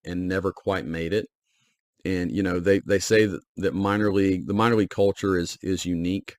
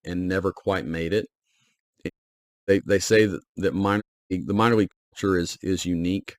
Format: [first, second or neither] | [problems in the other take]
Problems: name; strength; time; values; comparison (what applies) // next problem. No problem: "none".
first | audio cutting out; at 2 s for 0.5 s, at 4 s and at 5 s